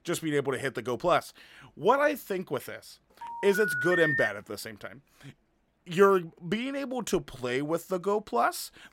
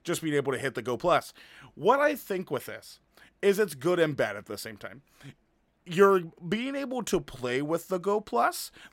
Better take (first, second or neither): second